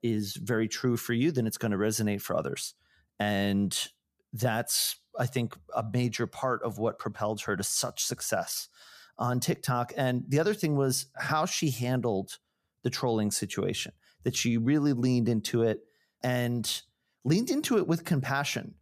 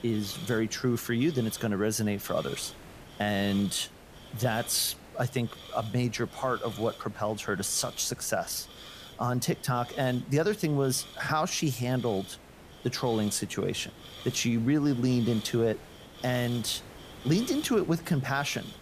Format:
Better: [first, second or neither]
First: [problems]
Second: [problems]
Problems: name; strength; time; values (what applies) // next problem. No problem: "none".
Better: first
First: none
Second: hiss; noticeable; throughout; 15 dB below the speech